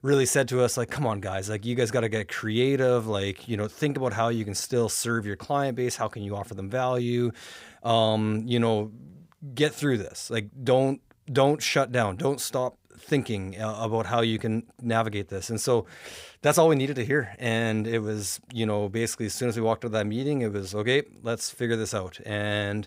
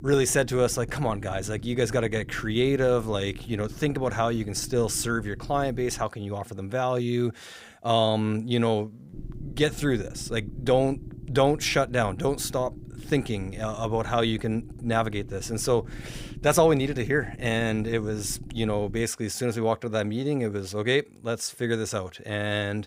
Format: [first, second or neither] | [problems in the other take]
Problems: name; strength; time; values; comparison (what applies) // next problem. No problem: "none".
first | low rumble; faint; until 6 s and from 9 to 19 s; 20 dB below the speech